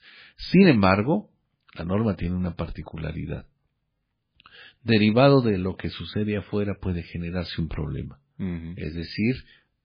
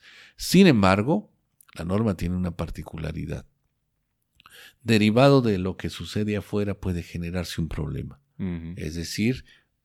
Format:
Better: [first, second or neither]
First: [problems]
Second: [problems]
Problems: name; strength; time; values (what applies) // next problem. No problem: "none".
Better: second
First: garbled, watery; badly; nothing above 4 kHz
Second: none